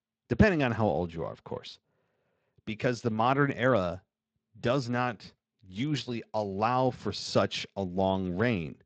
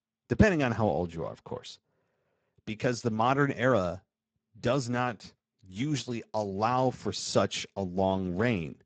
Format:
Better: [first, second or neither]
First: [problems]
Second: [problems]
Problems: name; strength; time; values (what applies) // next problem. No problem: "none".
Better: first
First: garbled, watery; slightly; nothing above 7.5 kHz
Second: garbled, watery; badly; nothing above 7.5 kHz